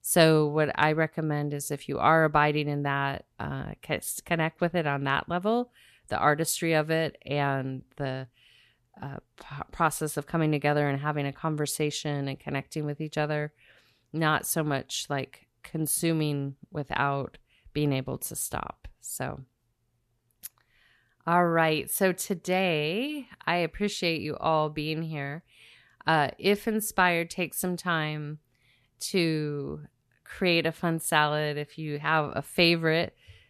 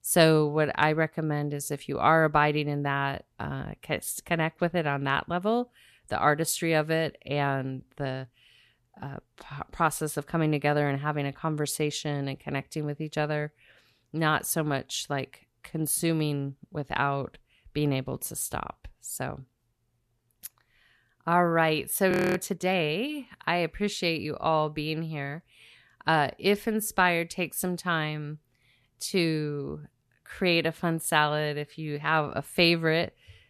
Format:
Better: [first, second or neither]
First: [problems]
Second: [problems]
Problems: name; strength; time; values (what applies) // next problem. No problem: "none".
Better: first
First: none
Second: audio freezing; at 22 s